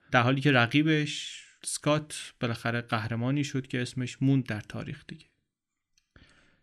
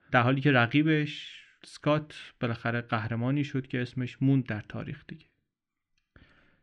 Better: first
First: none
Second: muffled; slightly; fading above 3 kHz

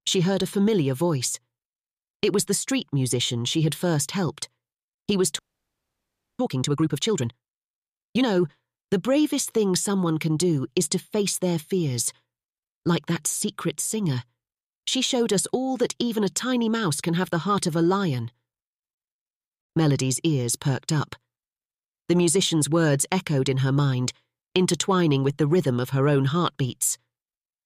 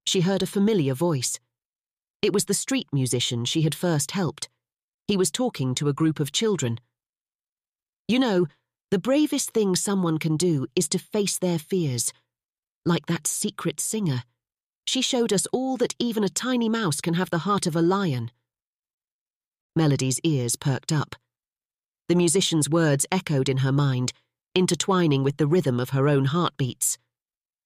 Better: second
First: audio freezing; at 5.5 s for 1 s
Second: none

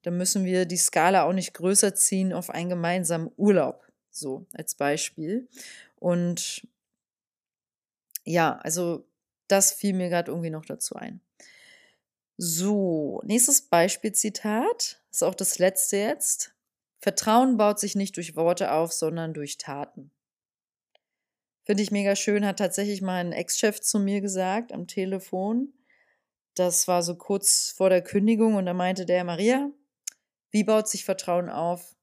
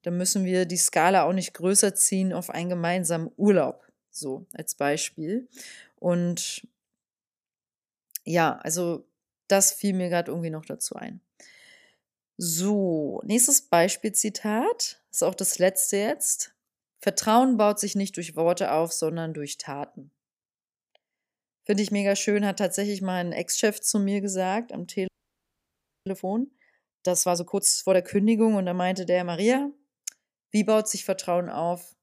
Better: first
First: none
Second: audio freezing; at 25 s for 1 s

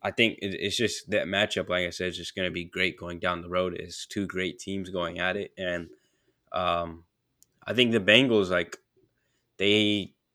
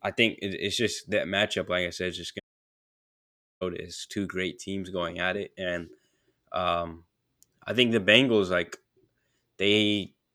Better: first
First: none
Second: audio cutting out; at 2.5 s for 1 s

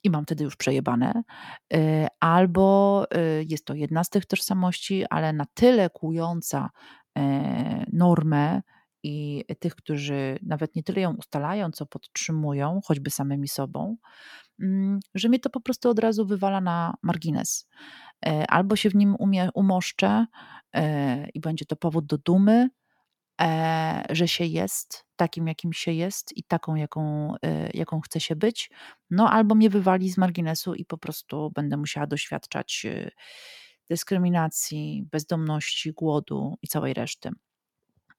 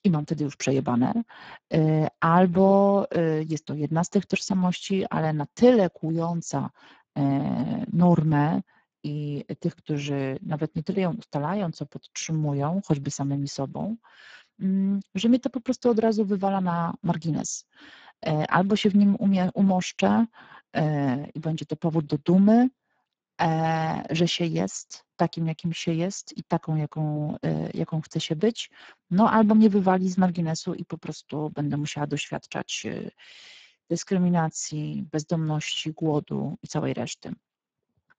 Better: first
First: none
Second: garbled, watery; badly

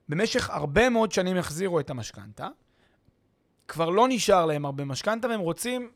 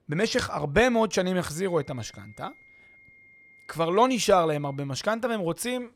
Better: first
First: none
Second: high-pitched whine; faint; from 1.5 to 5 s; 2 kHz, 25 dB below the speech

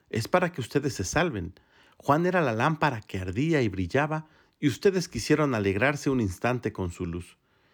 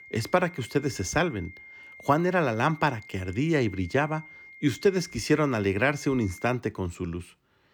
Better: first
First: none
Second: high-pitched whine; noticeable; until 6.5 s; 2 kHz, 20 dB below the speech

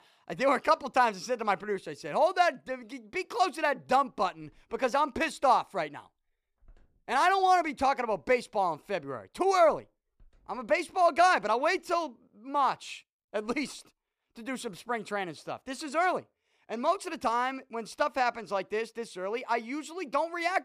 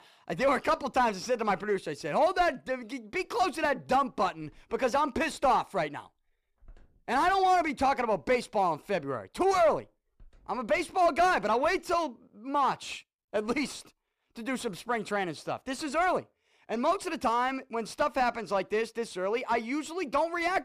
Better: first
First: none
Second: distortion; slight; 10 dB below the speech

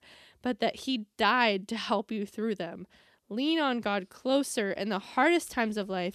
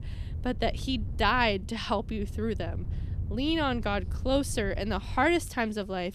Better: first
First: none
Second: wind noise on the microphone; occasional gusts; 25 dB below the speech

